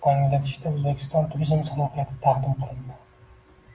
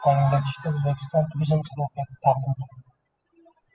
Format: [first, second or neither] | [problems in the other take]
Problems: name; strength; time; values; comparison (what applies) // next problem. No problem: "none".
first | noise reduction (classical method spectral subtraction)